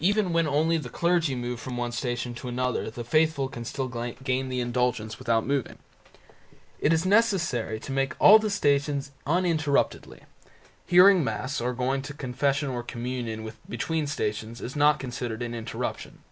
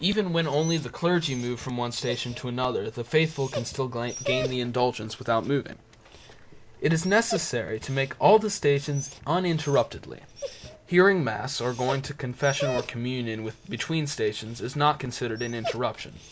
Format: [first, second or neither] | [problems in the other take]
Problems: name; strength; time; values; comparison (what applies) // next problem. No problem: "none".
first | background sound (Dog); 13 dB below the speech